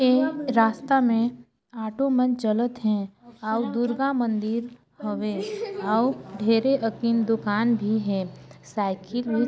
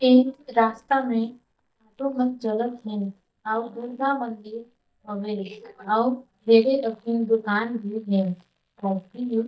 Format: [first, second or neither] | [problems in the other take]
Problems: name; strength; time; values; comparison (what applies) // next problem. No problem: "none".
first | noise reduction (neural mask model DeepFilterNet 3)